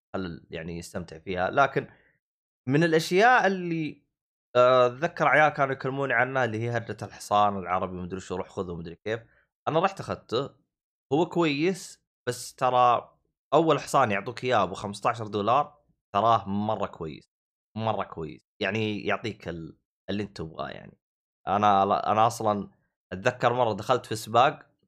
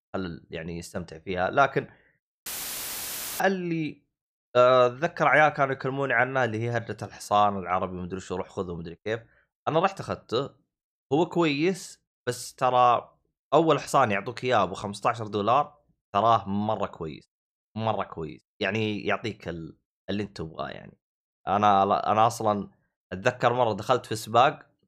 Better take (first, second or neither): first